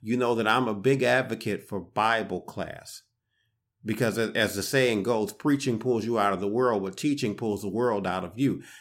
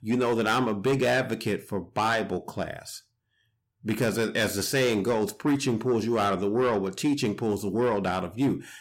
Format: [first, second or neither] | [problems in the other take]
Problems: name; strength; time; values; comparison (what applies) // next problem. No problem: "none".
first | distortion; slight; 10 dB below the speech